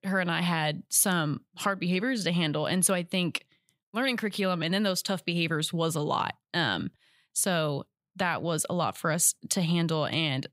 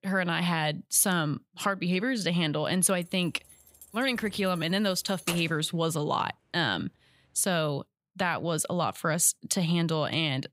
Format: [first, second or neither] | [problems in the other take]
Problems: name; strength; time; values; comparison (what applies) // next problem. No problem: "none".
first | jangling keys; noticeable; from 3 to 5.5 s; peak 8 dB below the speech